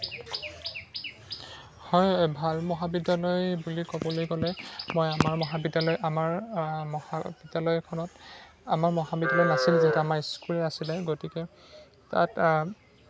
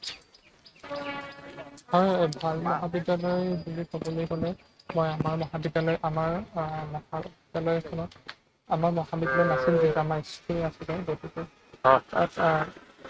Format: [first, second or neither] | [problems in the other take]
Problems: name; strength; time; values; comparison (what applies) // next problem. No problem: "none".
first | noise reduction (neural mask model RNNoise)